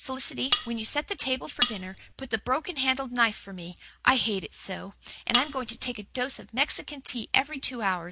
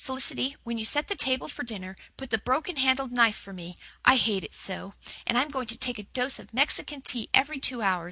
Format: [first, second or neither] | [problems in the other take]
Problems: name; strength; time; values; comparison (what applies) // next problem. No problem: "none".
second | background sound (Cutlery, silverware); 1 dB below the speech